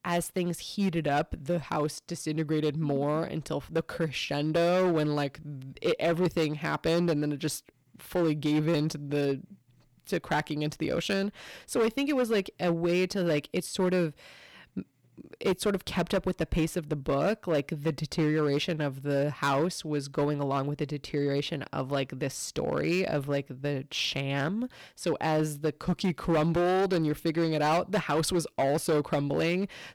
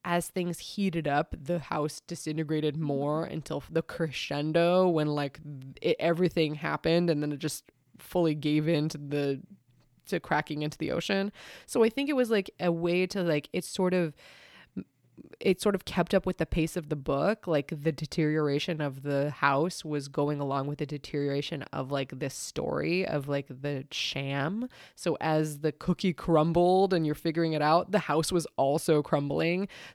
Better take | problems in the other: second | distortion; slight; 8% of the sound clipped

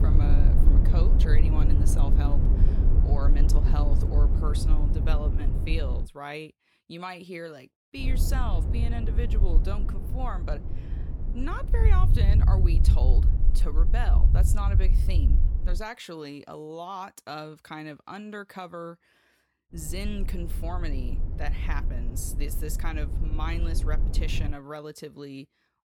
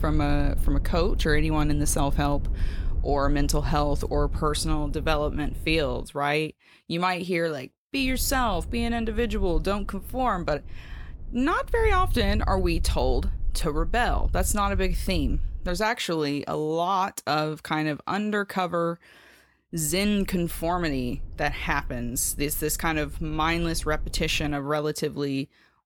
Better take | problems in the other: second | low rumble; loud; until 6 s, from 8 to 16 s and from 20 to 25 s; 4 dB below the speech; faint in the second

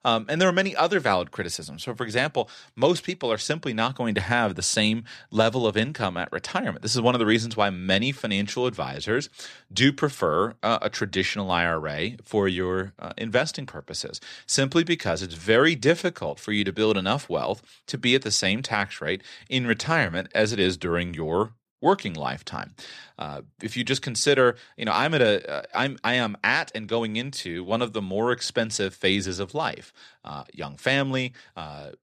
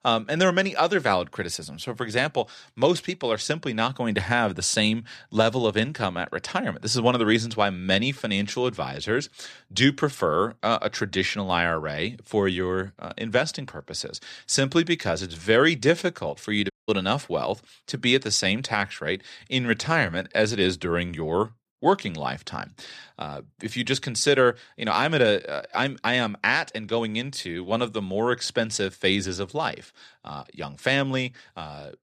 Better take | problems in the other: first | audio cutting out; at 17 s

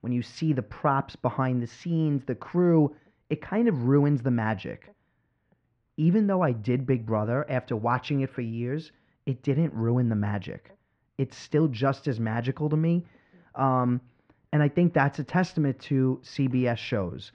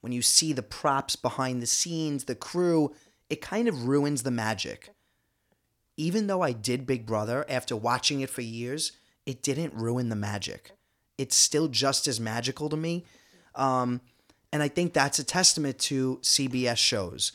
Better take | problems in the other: second | muffled; very; fading above 2 kHz

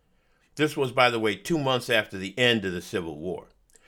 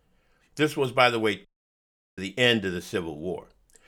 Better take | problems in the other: first | audio cutting out; at 1.5 s for 0.5 s

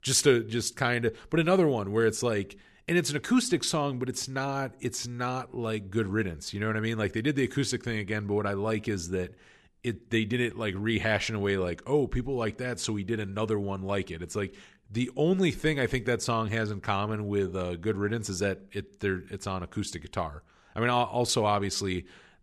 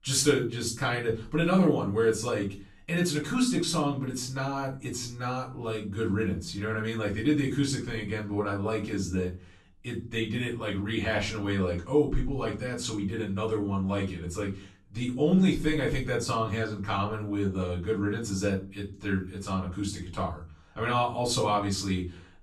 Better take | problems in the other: first | off-mic speech; far // room echo; slight; dies away in 0.3 s

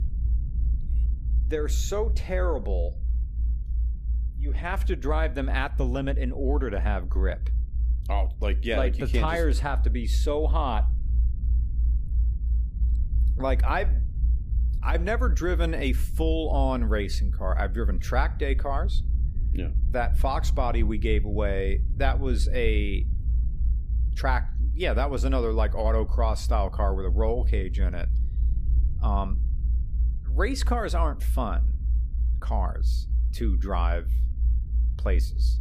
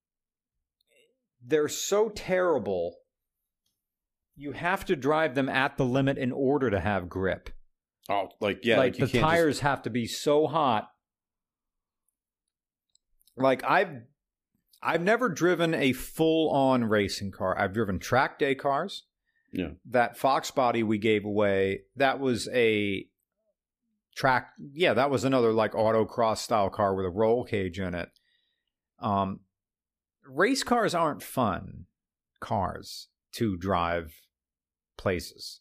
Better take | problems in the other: second | low rumble; noticeable; throughout; 15 dB below the speech

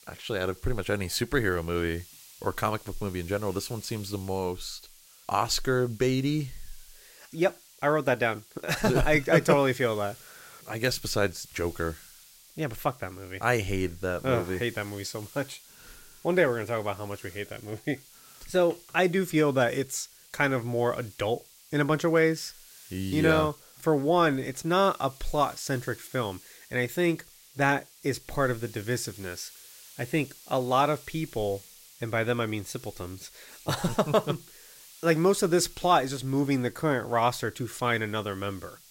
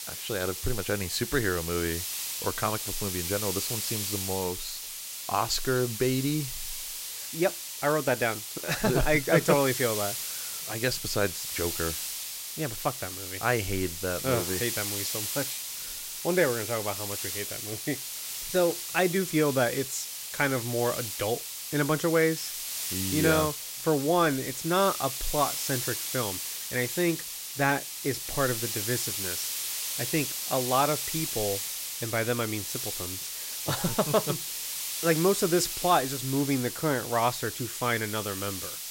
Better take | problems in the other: first | hiss; loud; throughout; 3 dB below the speech; faint in the first

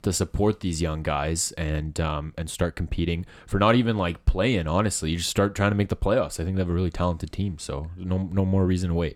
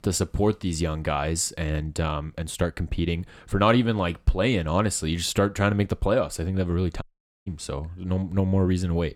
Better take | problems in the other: first | audio cutting out; at 7 s

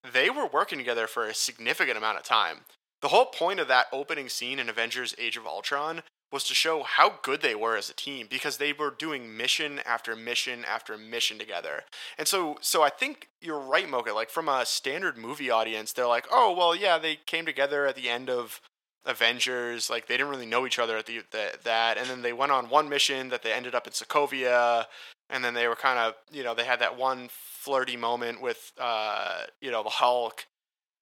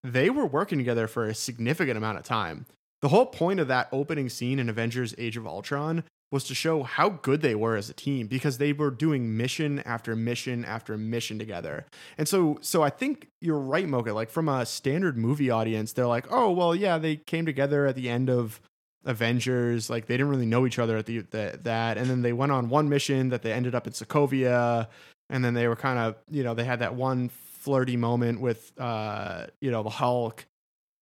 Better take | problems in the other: second | thin; very; fading below 750 Hz

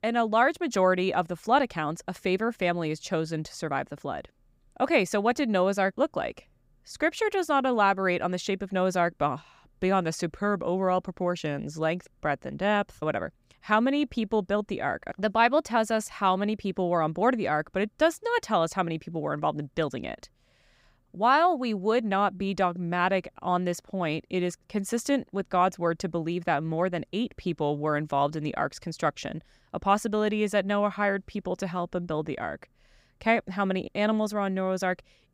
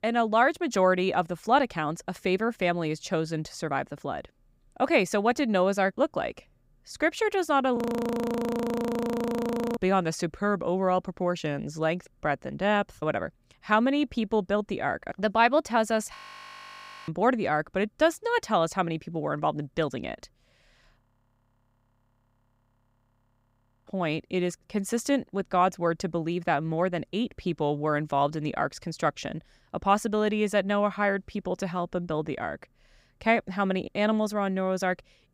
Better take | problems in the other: first | audio freezing; at 8 s for 2 s, at 16 s for 1 s and at 21 s for 3 s

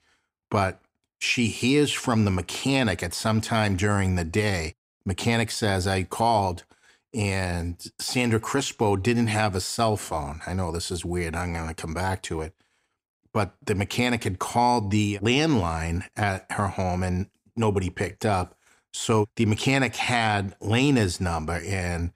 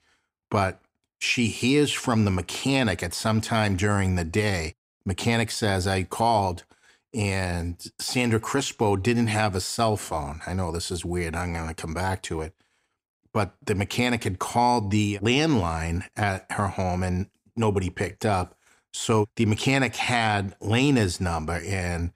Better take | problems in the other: neither | none

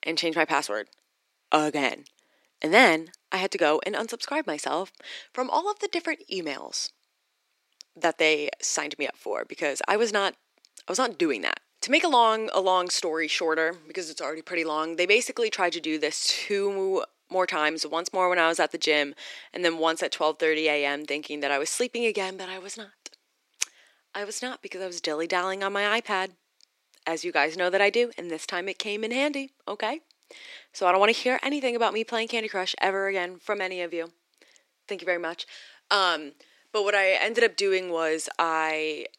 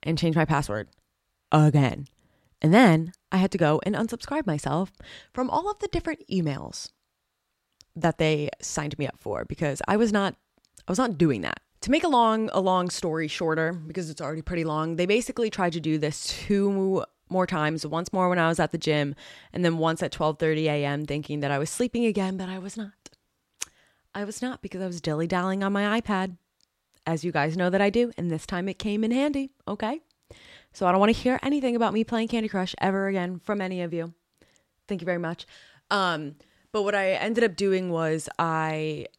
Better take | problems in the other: second | thin; somewhat; fading below 300 Hz

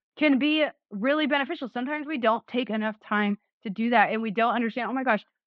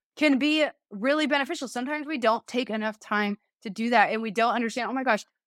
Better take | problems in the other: second | muffled; very; fading above 3.5 kHz

